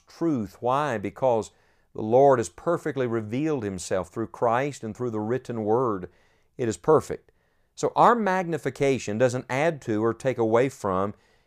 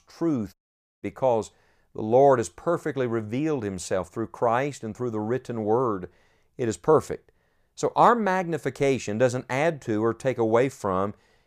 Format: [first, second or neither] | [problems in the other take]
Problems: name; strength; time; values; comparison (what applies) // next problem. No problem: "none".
first | audio cutting out; at 0.5 s